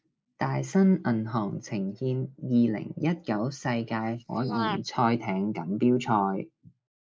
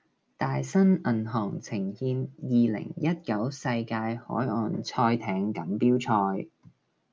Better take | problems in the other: second | noise reduction (neural mask model Resemble Enhance denoiser)

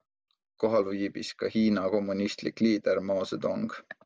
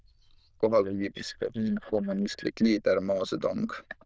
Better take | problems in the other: first | noise reduction (neural diffusion model UNIVERSE++)

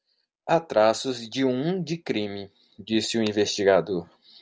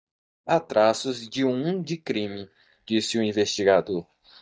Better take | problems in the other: first | noise reduction (neural mask model DeepFilterNet 3)

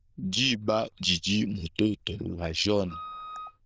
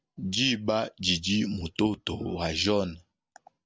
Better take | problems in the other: second | noise reduction (neural diffusion model UNIVERSE++)

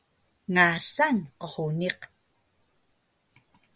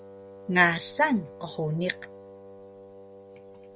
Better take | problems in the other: first | background sound (Wind instrument, woodwind instrument); 16 dB below the speech

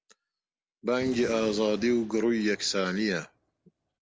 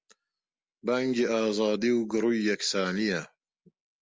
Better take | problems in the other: second | background sound (Gunshot, gunfire); 18 dB below the speech

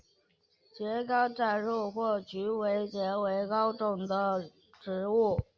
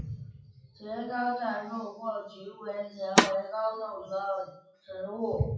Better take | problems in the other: first | noise reduction (classical method WPE with log-MMSE)

